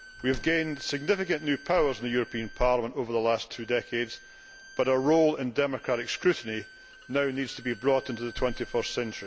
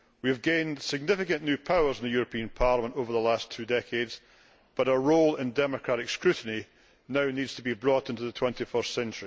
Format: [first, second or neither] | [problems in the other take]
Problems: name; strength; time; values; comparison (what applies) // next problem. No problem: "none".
second | background sound (Bowed string instrument + Slam); 17 dB below the speech